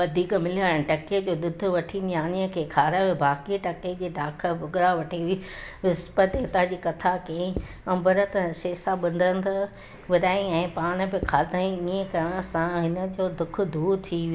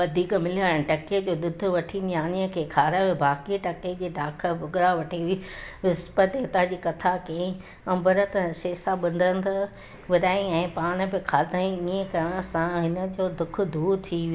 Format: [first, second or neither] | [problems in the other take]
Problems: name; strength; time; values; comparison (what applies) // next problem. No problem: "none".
second | background sound (Writing); 10 dB below the speech